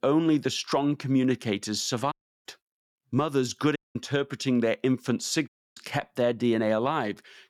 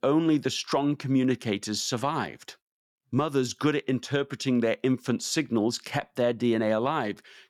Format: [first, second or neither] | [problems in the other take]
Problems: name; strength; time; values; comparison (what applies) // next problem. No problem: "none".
second | audio cutting out; at 2 s, at 4 s and at 5.5 s